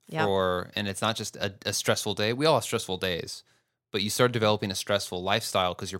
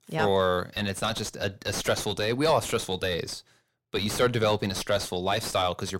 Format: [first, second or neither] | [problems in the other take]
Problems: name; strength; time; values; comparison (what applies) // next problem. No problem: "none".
first | distortion; heavy; 6 dB below the speech